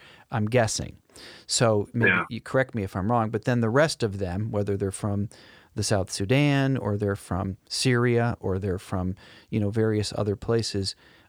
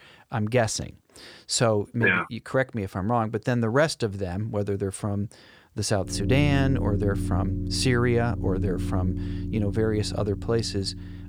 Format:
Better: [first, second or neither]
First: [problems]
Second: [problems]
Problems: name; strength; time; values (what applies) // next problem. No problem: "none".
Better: first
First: none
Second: alarms or sirens; loud; from 6 s on; 5 dB below the speech